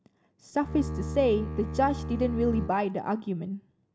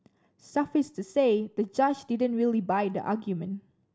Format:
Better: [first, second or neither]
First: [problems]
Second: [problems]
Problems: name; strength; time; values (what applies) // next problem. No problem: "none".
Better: second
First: background sound (Bowed string instrument); 6 dB below the speech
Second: none